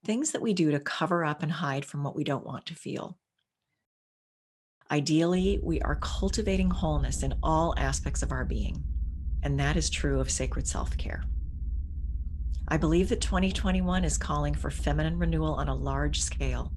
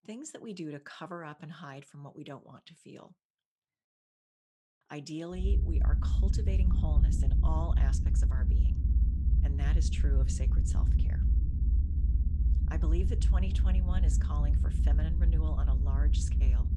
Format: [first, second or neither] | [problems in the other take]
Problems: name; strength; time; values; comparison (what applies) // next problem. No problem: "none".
first | low rumble; loud; from 5.5 s on; 2 dB below the speech; faint in the first